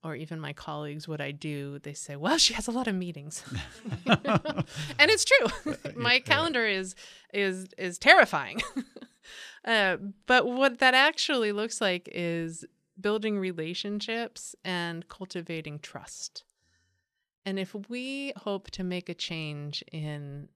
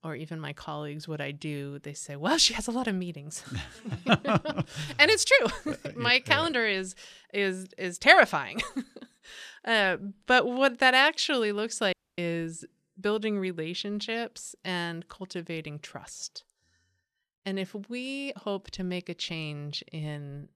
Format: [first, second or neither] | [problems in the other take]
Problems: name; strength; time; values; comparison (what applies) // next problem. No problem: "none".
first | audio cutting out; at 12 s